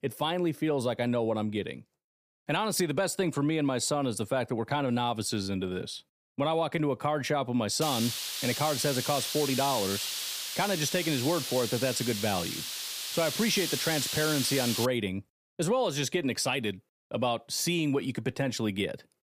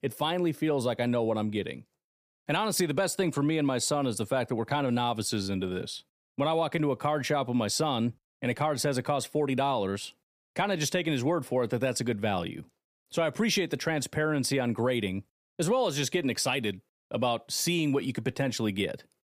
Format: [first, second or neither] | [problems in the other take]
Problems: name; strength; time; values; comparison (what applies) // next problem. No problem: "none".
second | hiss; loud; from 8 to 15 s; 3 dB below the speech